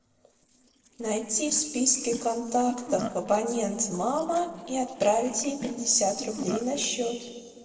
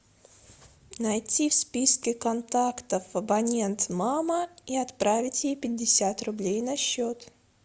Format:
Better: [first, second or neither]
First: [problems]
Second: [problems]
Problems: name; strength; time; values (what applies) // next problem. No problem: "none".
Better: second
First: noise reduction (neural separator model SepFormer DNS4)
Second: none